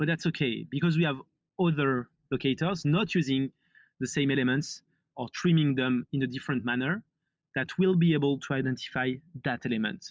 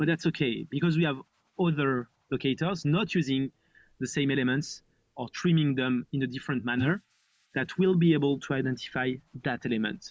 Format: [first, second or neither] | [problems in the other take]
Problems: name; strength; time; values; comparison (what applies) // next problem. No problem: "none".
first | noise reduction (neural mask model Resemble Enhance denoiser)